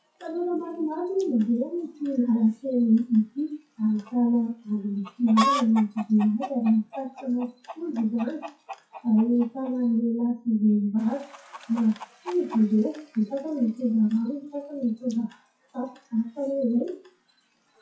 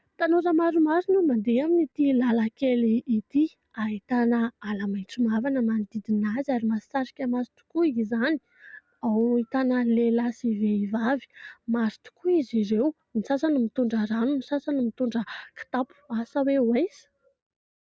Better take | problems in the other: second | noise reduction (classical method WPE with log-MMSE)

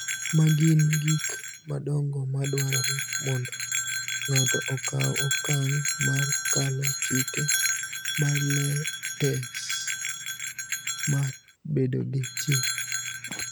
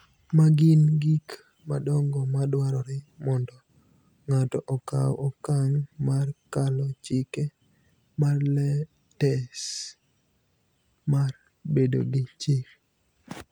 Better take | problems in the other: second | background sound (Bell); 2 dB below the speech

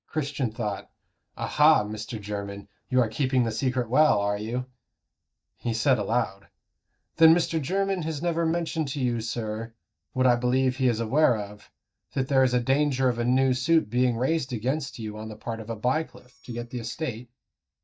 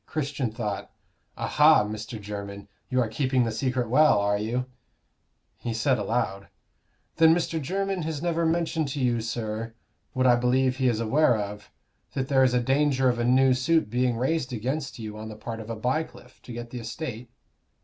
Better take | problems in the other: second | noise reduction (neural mask model DeepFilterNet 3)

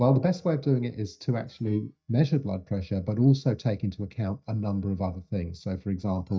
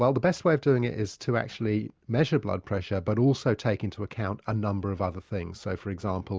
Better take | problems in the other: second | noise reduction (neural mask model DeepFilterNet 3)

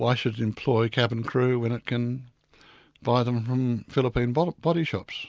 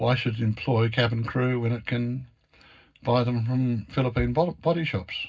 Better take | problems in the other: first | room echo; dies away in 0.4 s

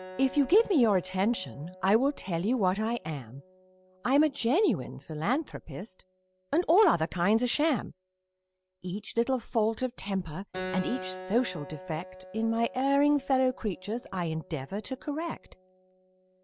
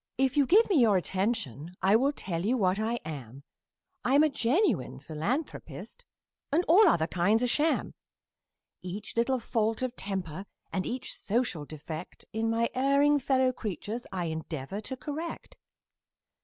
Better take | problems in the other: second | background sound (Keyboard (musical)); 18 dB below the speech

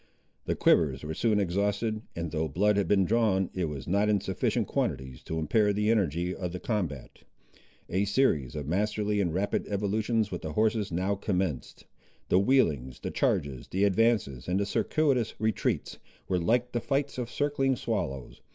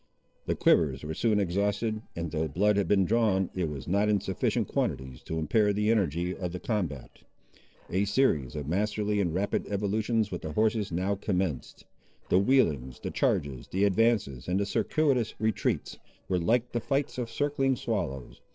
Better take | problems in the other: first | noise reduction (neural separator model SepFormer DNS4)

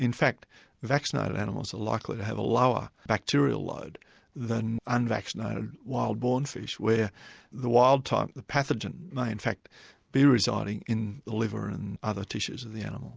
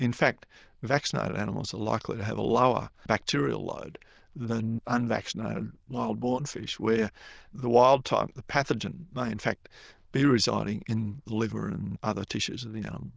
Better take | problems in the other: first | noise reduction (neural diffusion model UNIVERSE++)

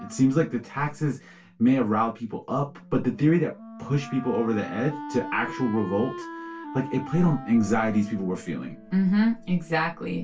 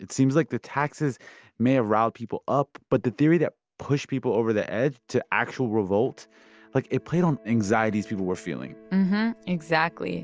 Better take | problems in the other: second | background sound (Wind instrument, woodwind instrument); 15 dB below the speech // room echo; dies away in 0.2 s

